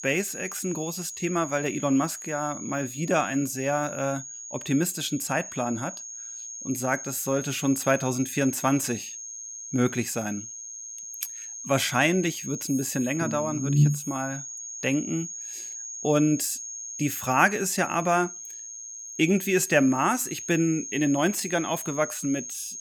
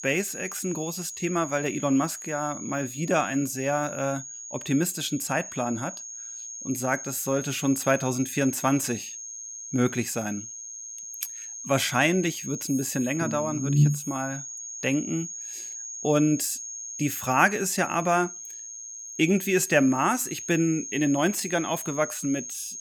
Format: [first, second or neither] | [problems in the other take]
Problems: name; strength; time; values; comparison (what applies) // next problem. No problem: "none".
neither | high-pitched whine; loud; throughout; 6.5 kHz, 9 dB below the speech; the same in both